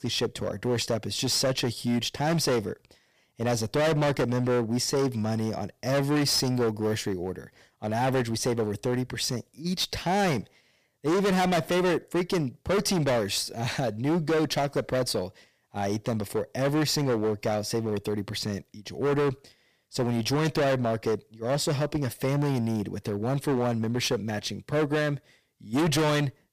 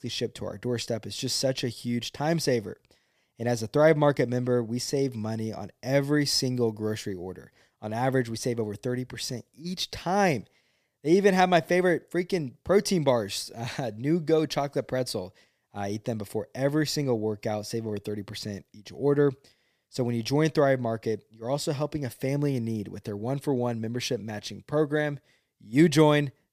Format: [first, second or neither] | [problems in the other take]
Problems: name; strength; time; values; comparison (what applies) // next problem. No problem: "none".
second | distortion; heavy; 16% of the sound clipped